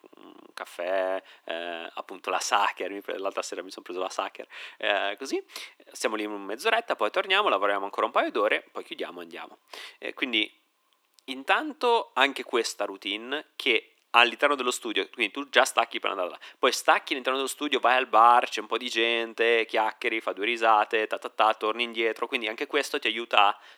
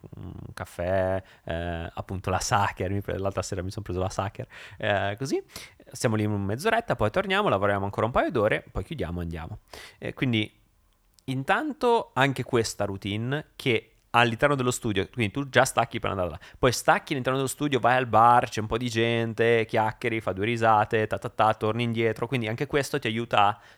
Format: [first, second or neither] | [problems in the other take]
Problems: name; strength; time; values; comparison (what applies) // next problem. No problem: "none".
second | thin; somewhat; fading below 300 Hz